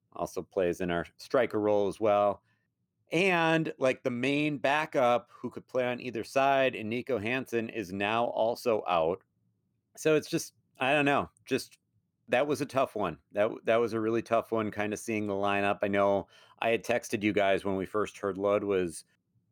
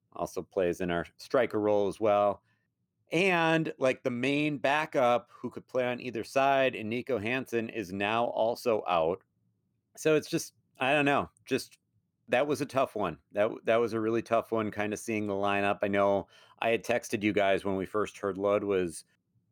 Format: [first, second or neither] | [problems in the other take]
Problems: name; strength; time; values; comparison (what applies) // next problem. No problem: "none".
neither | none